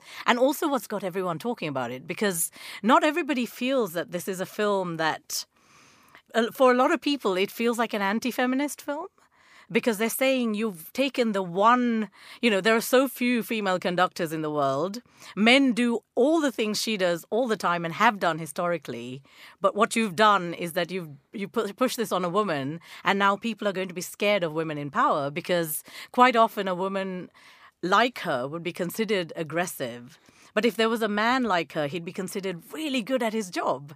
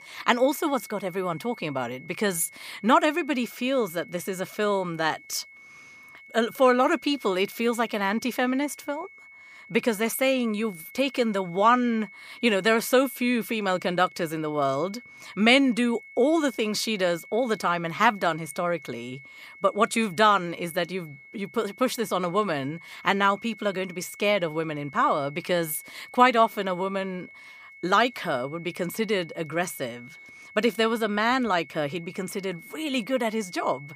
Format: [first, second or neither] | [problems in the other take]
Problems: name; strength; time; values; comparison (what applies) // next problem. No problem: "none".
first | high-pitched whine; noticeable; throughout; 2 kHz, 20 dB below the speech